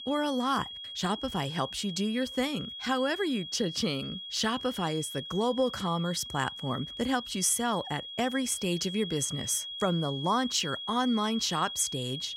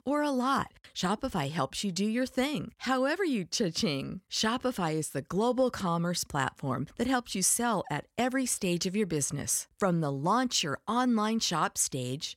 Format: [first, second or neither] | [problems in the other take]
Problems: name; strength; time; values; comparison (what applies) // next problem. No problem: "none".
second | high-pitched whine; loud; throughout; 3.5 kHz, 8 dB below the speech